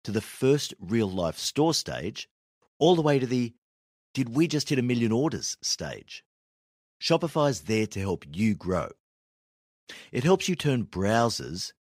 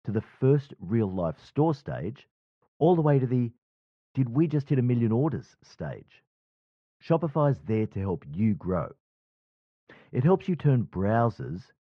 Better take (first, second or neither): first